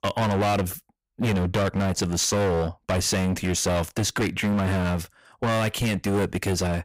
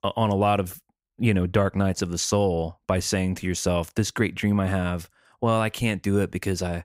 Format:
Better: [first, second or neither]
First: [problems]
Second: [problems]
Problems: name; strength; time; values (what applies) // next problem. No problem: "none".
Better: second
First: distortion; heavy; 26% of the sound clipped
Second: none